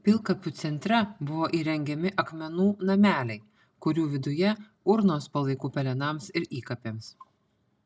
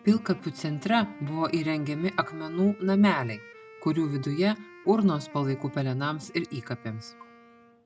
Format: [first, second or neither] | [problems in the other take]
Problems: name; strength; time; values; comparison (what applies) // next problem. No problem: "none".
first | background sound (Wind instrument, woodwind instrument); 20 dB below the speech